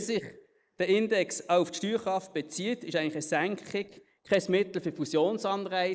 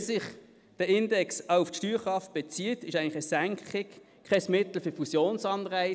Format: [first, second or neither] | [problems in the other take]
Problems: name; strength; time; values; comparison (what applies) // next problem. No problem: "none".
second | noise reduction (neural mask model Resemble Enhance denoiser)